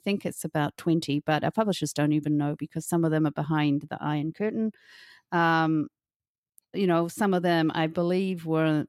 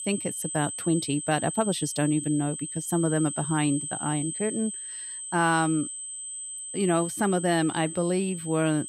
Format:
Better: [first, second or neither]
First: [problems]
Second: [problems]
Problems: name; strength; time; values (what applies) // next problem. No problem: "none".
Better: first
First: none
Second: high-pitched whine; loud; throughout; 8 kHz, 6 dB below the speech